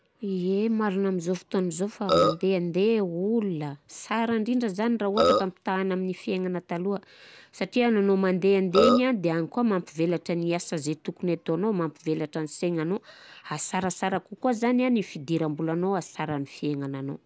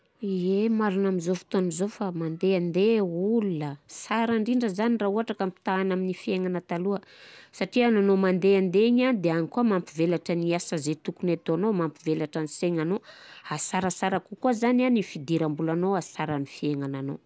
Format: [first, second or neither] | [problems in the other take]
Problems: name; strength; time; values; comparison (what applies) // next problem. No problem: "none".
second | background sound (Burping, eructation); 3 dB above the speech